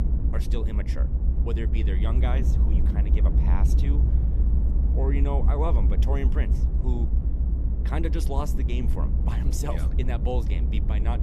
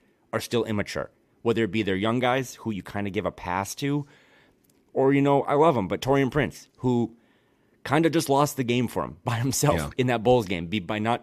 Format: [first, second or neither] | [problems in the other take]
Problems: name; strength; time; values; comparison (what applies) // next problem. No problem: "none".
second | low rumble; loud; throughout; 5 dB below the speech